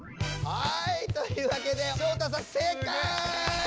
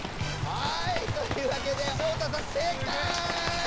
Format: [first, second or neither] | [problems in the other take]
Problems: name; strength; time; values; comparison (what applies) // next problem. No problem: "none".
first | background sound (Rain); 4 dB below the speech